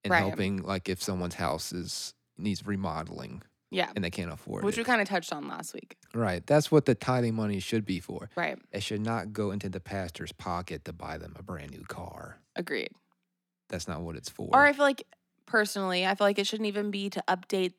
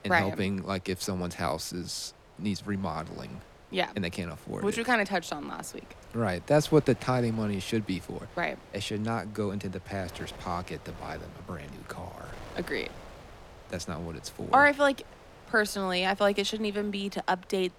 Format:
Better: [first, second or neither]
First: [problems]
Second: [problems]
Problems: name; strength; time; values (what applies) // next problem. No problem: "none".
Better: first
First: none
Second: wind noise on the microphone; occasional gusts; 20 dB below the speech